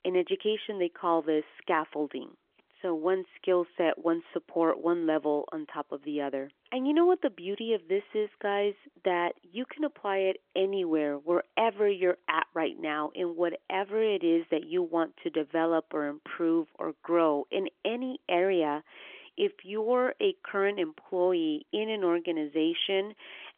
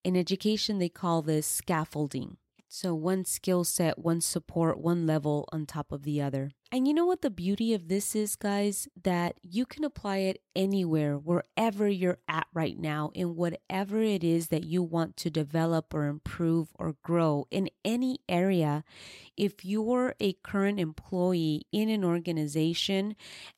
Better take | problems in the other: second | phone-call audio; nothing above 3.5 kHz

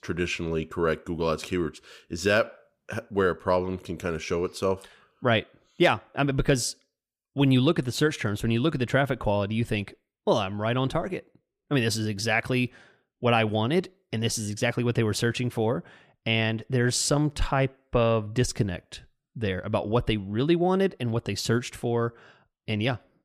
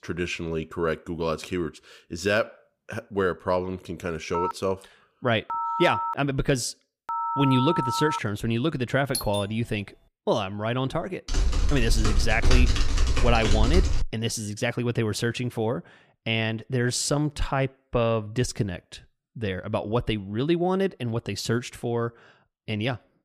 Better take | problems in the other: first | phone ringing; noticeable; from 4.5 to 8 s; peak level with the speech // doorbell; noticeable; at 9 s; peak 4 dB below the speech // keyboard typing; loud; from 11 to 14 s; peak 4 dB above the speech

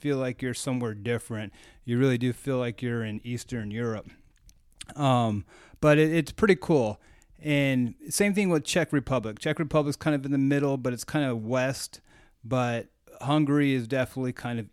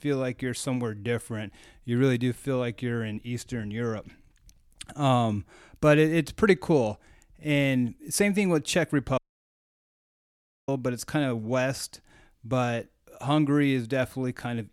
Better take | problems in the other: first | audio cutting out; at 9 s for 1.5 s

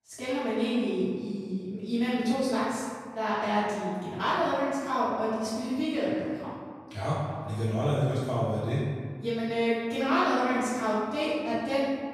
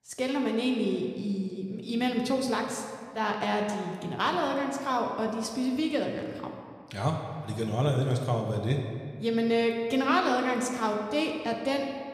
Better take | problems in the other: second | room echo; strong; dies away in 1.7 s; slight in the second // off-mic speech; far

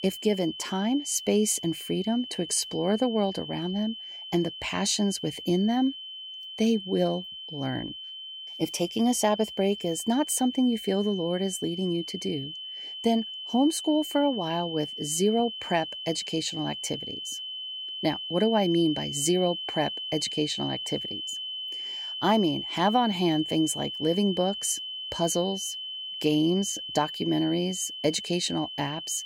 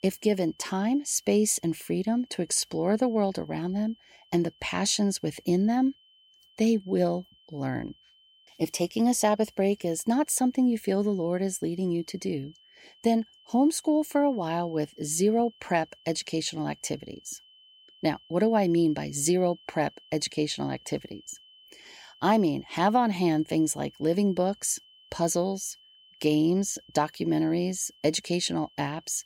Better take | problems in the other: second | high-pitched whine; loud; throughout; 3 kHz, 7 dB below the speech; faint in the second

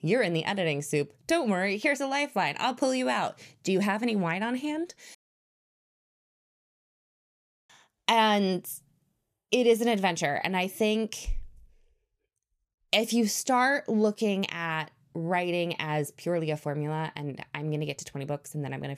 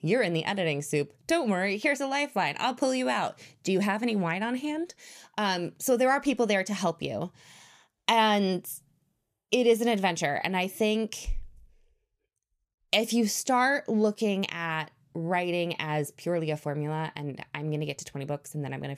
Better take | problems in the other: second | audio cutting out; at 5 s for 2.5 s

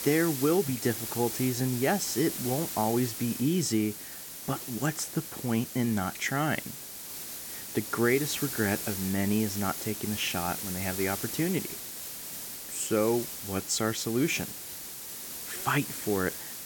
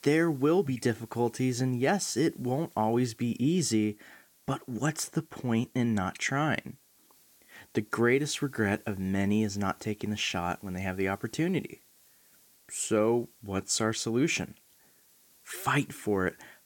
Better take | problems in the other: second | hiss; loud; throughout; 6 dB below the speech; faint in the second

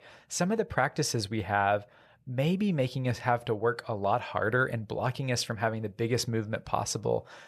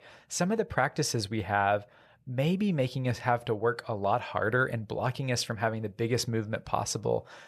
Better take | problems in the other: neither | none

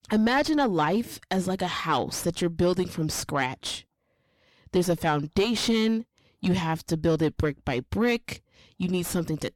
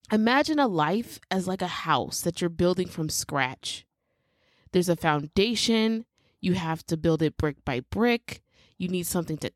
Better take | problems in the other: second | distortion; slight; 9 dB below the speech

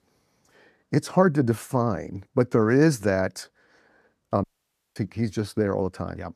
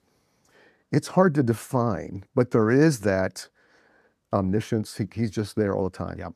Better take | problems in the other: second | audio cutting out; at 4.5 s for 0.5 s

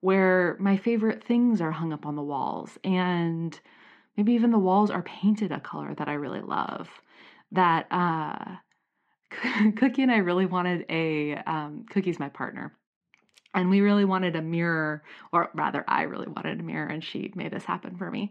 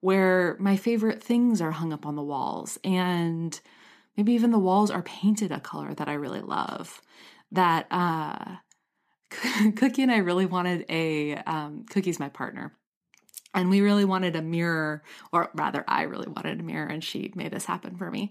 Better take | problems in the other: second | muffled; slightly; fading above 2.5 kHz

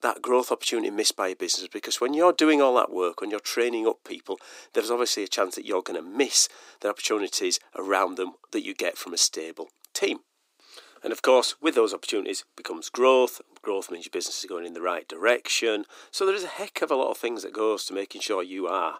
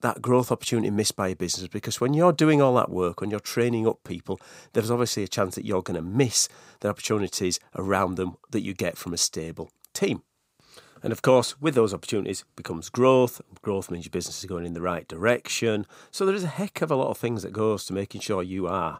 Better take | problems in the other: second | thin; somewhat; fading below 300 Hz

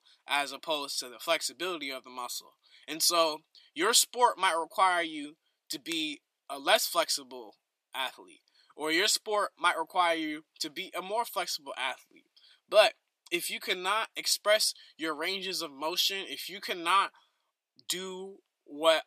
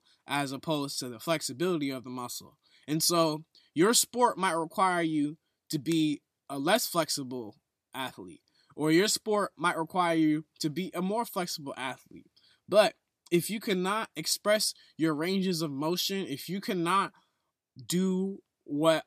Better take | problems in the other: second | thin; very; fading below 600 Hz

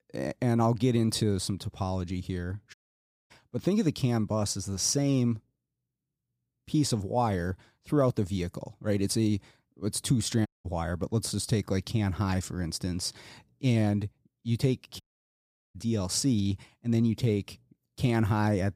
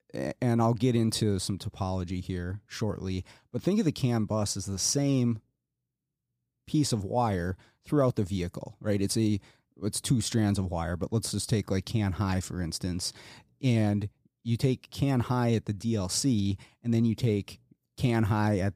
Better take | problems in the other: second | audio cutting out; at 2.5 s for 0.5 s, at 10 s and at 15 s for 0.5 s

